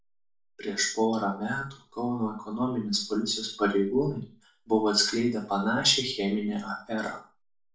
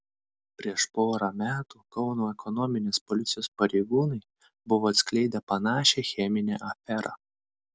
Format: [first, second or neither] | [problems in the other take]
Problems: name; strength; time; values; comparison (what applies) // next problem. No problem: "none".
second | room echo; dies away in 0.4 s